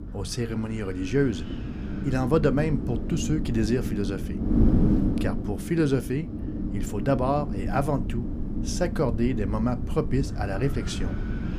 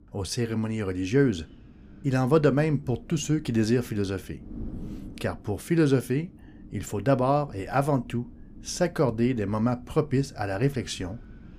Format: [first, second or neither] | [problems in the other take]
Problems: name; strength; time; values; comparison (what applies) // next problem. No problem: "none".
second | wind noise on the microphone; heavy; 7 dB below the speech; occasional gusts in the second